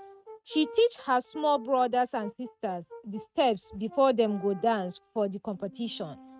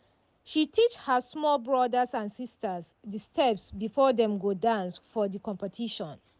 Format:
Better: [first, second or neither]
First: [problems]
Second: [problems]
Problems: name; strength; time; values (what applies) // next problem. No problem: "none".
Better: second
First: noise reduction (neural mask model RNNoise)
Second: none